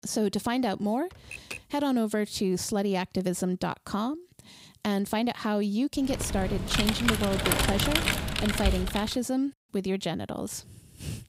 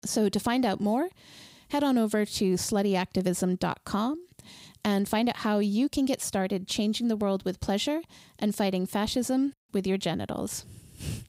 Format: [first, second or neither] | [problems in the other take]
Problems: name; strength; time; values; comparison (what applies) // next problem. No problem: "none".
second | keyboard typing; noticeable; at 1 s; peak 10 dB below the speech // keyboard typing; loud; from 6 to 9 s; peak 4 dB above the speech